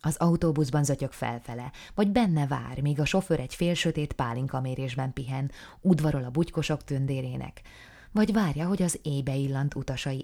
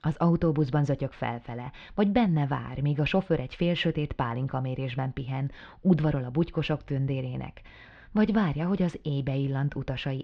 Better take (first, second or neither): first